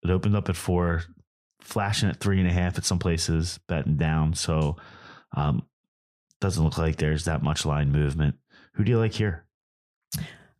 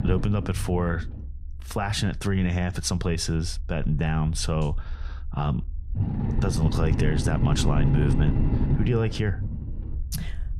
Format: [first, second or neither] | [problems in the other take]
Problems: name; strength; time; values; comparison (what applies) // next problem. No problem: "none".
first | low rumble; loud; throughout; 6 dB below the speech